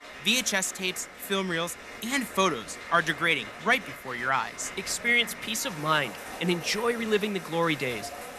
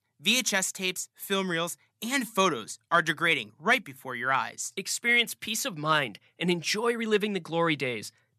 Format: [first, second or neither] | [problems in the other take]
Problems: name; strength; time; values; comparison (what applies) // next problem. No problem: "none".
second | crowd noise; noticeable; throughout; 15 dB below the speech